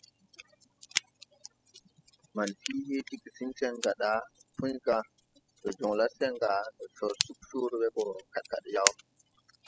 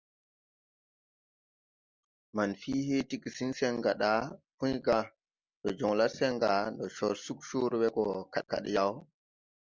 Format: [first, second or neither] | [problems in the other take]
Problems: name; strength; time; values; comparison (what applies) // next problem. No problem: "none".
second | noise reduction (classical method spectral subtraction)